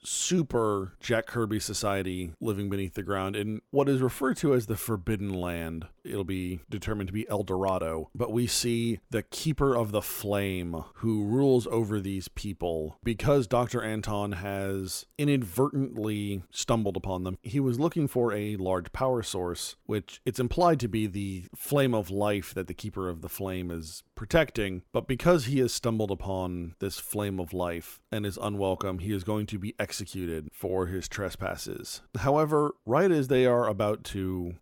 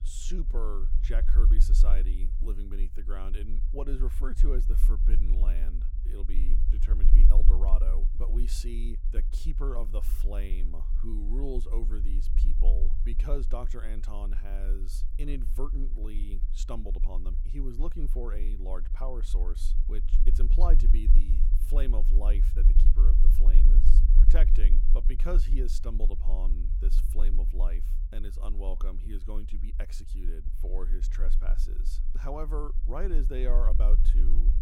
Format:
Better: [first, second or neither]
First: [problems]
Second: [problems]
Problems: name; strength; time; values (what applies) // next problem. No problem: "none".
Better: first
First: none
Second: low rumble; loud; throughout; 9 dB below the speech